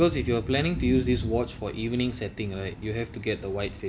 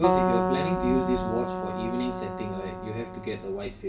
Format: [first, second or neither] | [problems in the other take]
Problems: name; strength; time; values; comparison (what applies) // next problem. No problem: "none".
first | background sound (Keyboard (musical)); 1 dB above the speech // room echo; dies away in 0.2 s